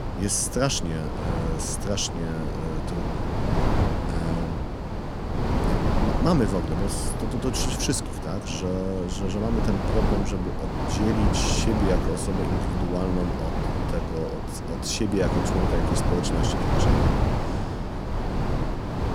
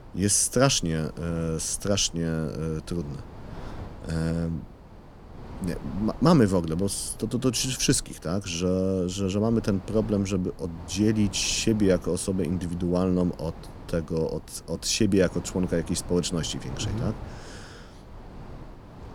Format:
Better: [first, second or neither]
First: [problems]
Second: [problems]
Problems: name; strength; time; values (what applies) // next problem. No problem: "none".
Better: second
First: wind noise on the microphone; heavy; as loud as the speech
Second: wind noise on the microphone; occasional gusts; 20 dB below the speech